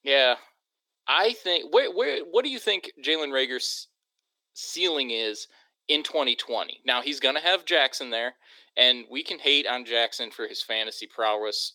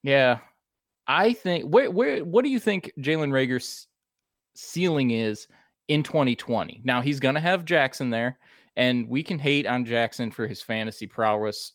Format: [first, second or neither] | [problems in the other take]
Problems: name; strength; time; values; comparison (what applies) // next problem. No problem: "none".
second | thin; somewhat; fading below 300 Hz